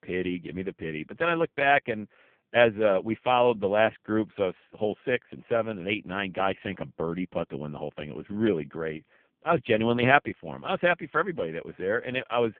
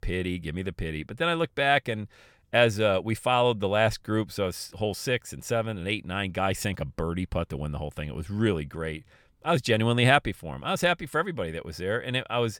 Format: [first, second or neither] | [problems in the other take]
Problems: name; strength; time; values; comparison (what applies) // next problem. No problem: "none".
second | phone-call audio; poor line; nothing above 3.5 kHz